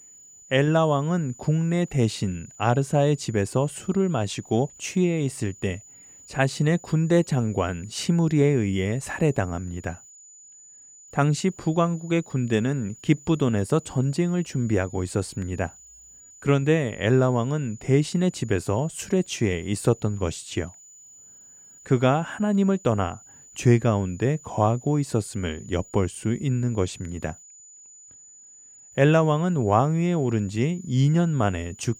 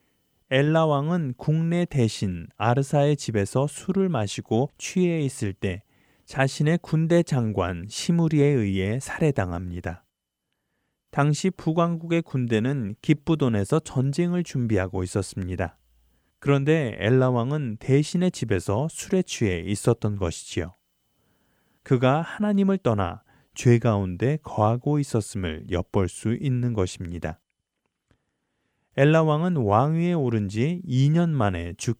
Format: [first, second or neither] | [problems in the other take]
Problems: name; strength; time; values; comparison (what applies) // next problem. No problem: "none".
second | high-pitched whine; faint; throughout; 7 kHz, 20 dB below the speech